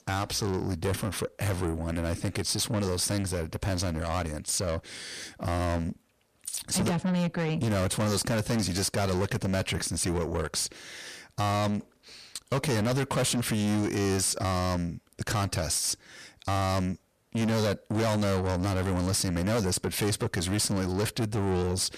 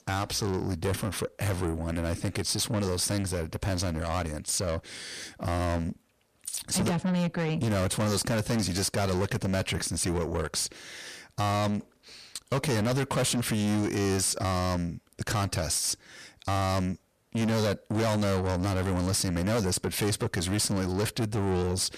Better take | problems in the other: neither | distortion; heavy; 6 dB below the speech; the same in both

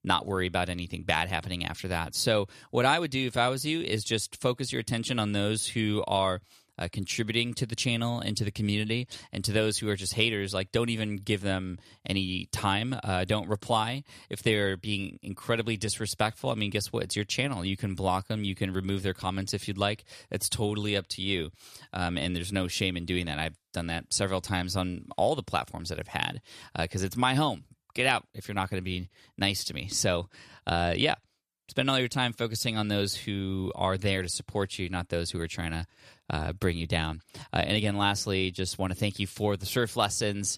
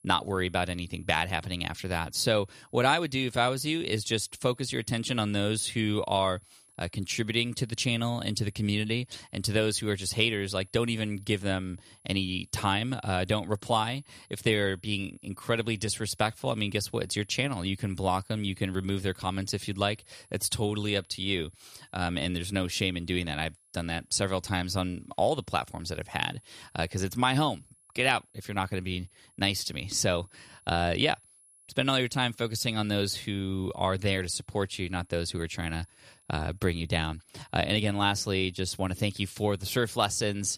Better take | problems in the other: first | high-pitched whine; faint; throughout; 10.5 kHz, 30 dB below the speech

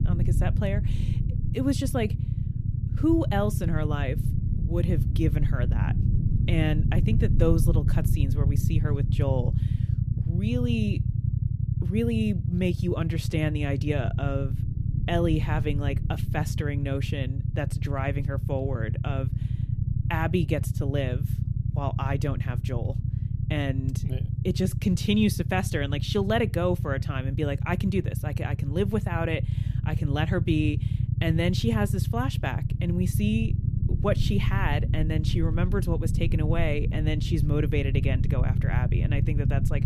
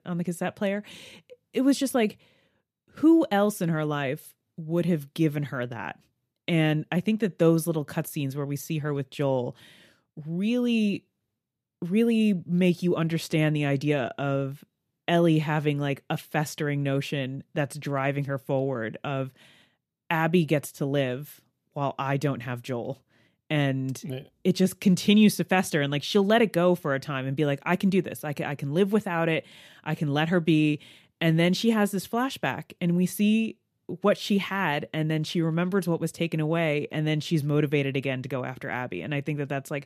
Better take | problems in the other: second | low rumble; loud; throughout; 8 dB below the speech

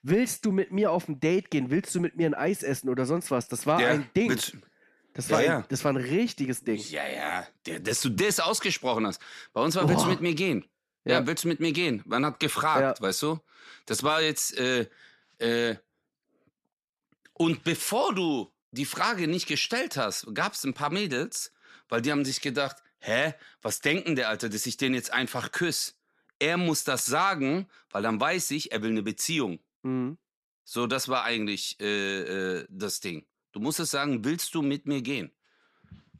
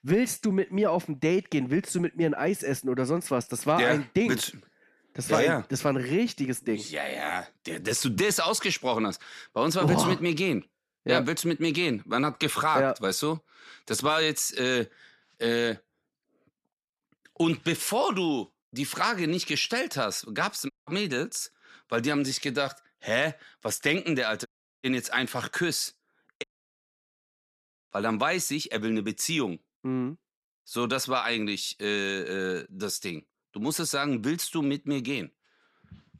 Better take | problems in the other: first | audio cutting out; at 21 s, at 24 s and at 26 s for 1.5 s

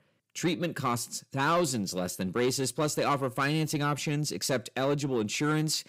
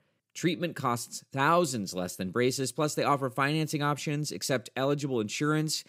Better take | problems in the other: second | distortion; slight; 10 dB below the speech

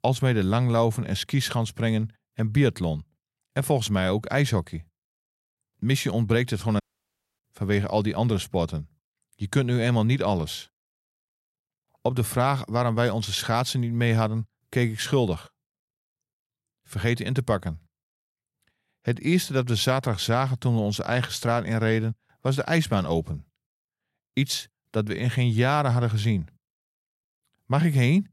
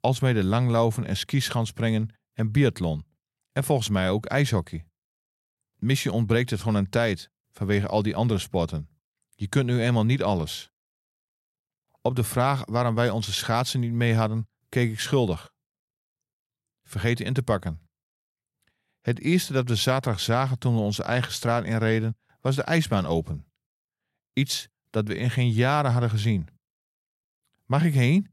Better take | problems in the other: second | audio cutting out; at 7 s for 0.5 s

